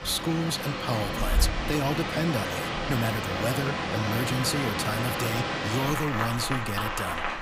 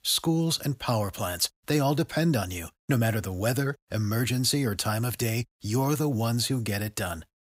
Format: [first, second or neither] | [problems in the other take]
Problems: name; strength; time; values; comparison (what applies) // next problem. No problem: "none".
second | rain or running water; very loud; throughout; as loud as the speech